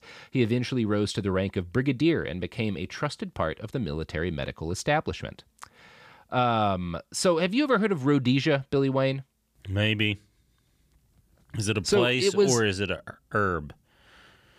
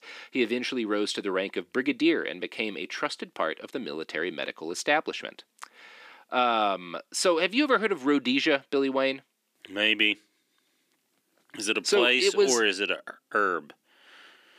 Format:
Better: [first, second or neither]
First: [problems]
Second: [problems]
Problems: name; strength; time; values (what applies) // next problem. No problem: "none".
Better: first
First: none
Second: thin; very slightly; fading below 300 Hz